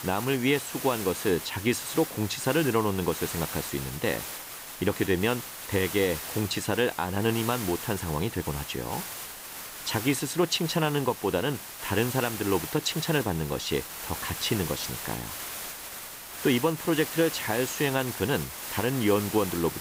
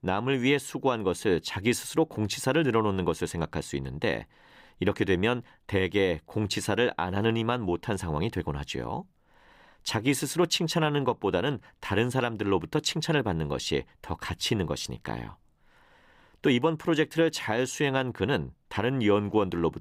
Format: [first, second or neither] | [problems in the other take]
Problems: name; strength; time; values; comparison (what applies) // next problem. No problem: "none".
second | hiss; loud; throughout; 7 dB below the speech